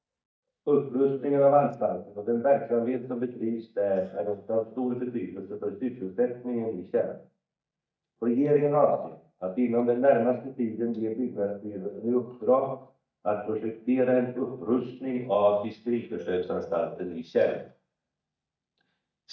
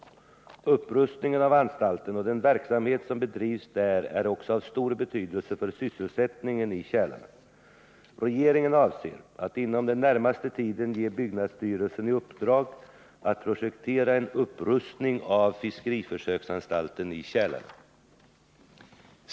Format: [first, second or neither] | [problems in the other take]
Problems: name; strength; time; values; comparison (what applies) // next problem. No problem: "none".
second | noise reduction (neural mask model DeepFilterNet 3)